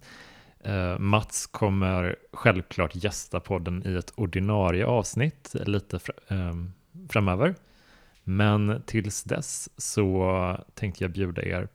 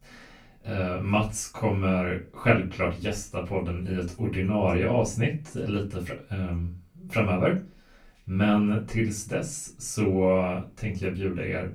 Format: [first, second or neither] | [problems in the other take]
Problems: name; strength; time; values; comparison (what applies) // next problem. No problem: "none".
first | off-mic speech; far // room echo; slight; dies away in 0.2 s